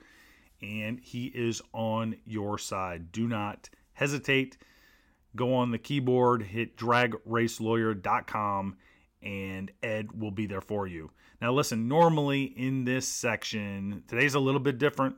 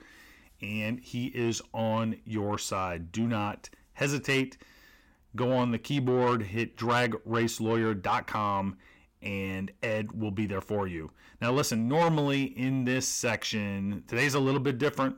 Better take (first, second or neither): first